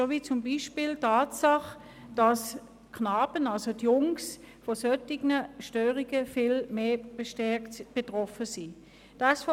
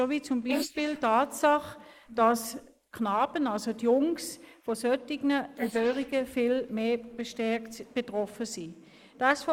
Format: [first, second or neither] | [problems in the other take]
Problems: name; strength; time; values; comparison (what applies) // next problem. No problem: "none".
first | noise reduction (neural mask model Resemble Enhance denoiser)